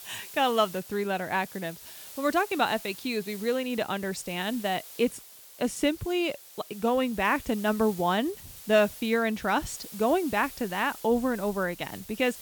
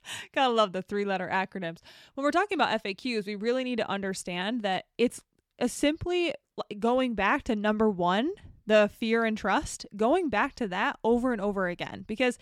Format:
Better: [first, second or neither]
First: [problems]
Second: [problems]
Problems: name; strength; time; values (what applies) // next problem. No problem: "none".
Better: second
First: hiss; noticeable; throughout; 15 dB below the speech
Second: none